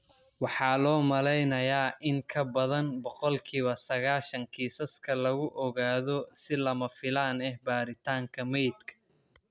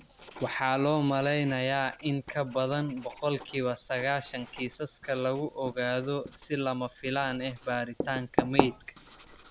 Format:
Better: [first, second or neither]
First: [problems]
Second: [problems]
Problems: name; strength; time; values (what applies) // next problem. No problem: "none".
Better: first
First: none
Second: background sound (Writing); 7 dB below the speech